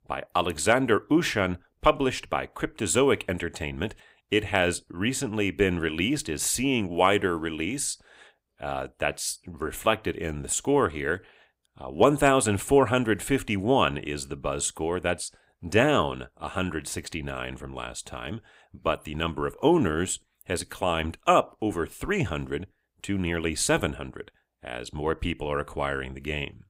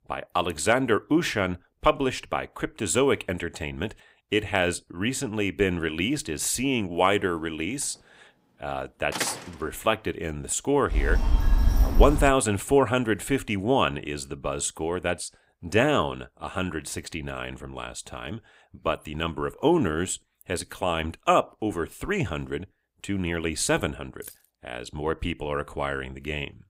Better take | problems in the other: first | door banging; noticeable; at 9 s; peak 4 dB below the speech // phone ringing; loud; from 11 to 12 s; peak 3 dB above the speech // jangling keys; faint; at 24 s; peak 20 dB below the speech

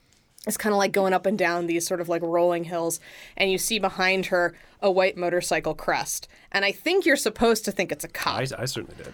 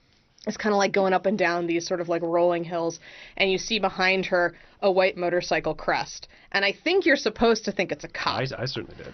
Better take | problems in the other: first | garbled, watery; slightly; nothing above 6 kHz

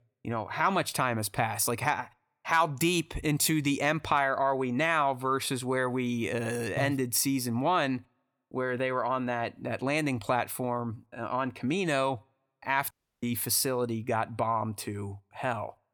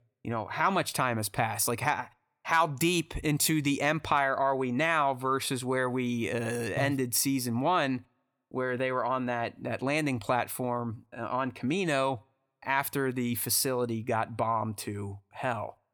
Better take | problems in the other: second | audio cutting out; at 13 s

